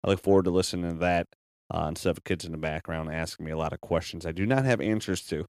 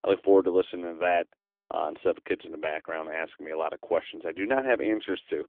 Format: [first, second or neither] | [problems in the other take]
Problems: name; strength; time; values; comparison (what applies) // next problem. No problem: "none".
first | phone-call audio; nothing above 3.5 kHz